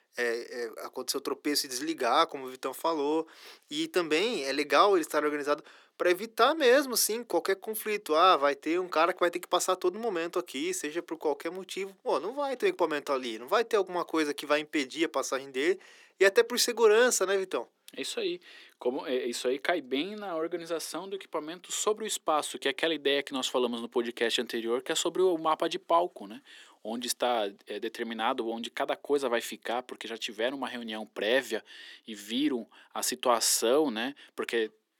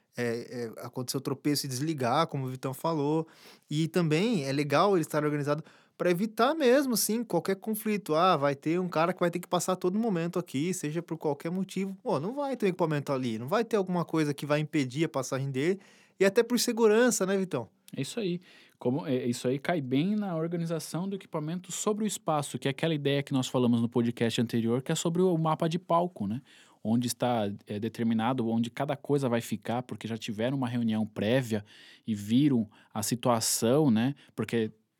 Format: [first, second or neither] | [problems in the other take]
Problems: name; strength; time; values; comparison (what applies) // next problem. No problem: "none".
second | thin; somewhat; fading below 350 Hz